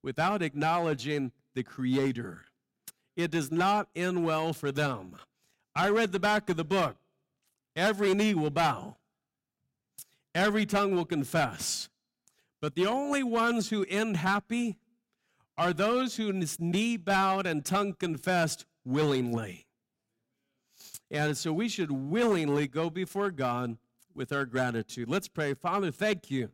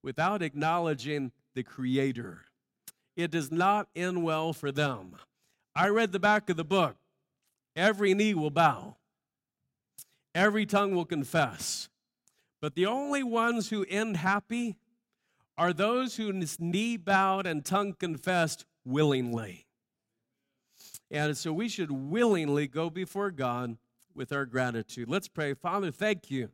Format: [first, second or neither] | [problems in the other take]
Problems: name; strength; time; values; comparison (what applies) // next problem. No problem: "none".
second | distortion; slight; 5% of the sound clipped